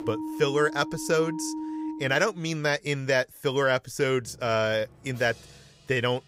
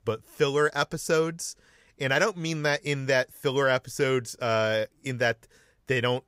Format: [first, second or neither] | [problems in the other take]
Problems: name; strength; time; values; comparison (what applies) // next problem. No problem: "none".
second | background music; loud; throughout; 10 dB below the speech